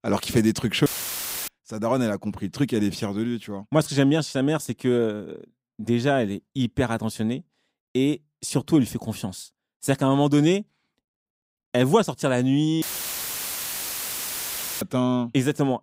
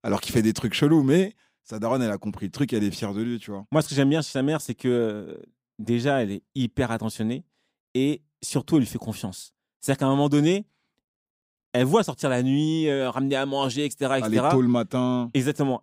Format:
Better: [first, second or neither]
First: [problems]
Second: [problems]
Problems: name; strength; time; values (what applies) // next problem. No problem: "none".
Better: second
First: audio cutting out; filled with static; at 1 s for 0.5 s and at 13 s for 2 s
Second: none